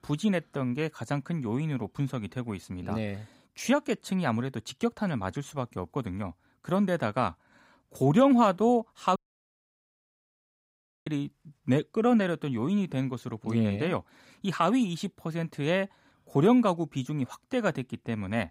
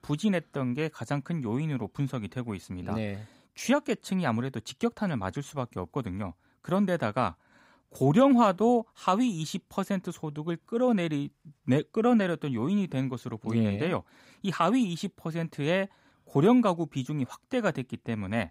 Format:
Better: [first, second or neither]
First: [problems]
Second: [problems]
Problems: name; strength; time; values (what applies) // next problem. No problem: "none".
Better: second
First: audio cutting out; at 9 s for 2 s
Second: none